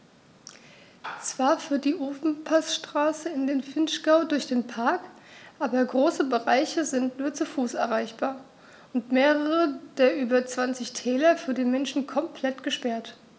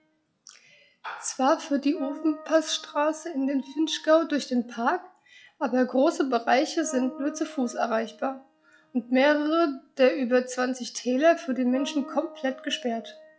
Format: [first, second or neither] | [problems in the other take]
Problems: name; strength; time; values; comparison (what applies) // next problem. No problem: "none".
first | noise reduction (classical method log-MMSE)